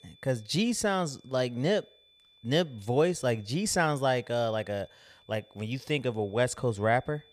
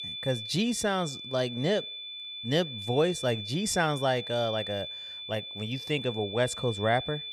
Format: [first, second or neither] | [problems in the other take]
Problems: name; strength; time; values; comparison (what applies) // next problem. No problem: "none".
first | high-pitched whine; loud; throughout; 3.5 kHz, 7 dB below the speech; faint in the first